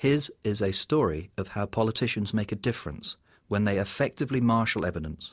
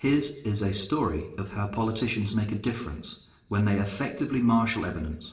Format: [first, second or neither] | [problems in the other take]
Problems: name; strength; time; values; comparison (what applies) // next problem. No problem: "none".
first | room echo; dies away in 0.8 s